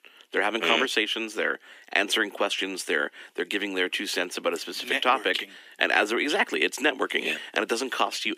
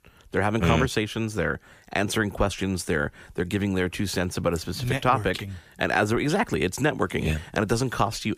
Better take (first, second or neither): second